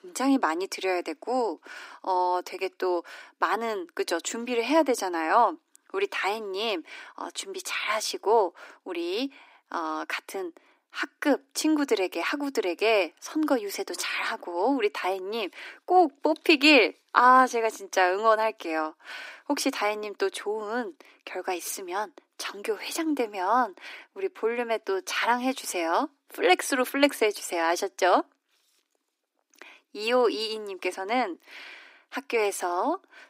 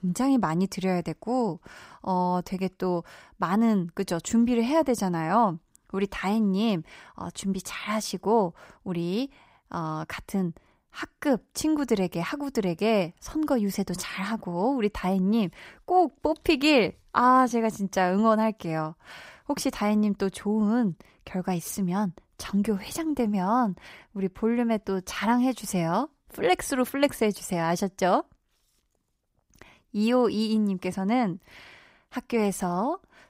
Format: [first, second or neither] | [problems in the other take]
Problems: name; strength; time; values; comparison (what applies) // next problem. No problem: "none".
second | thin; somewhat; fading below 250 Hz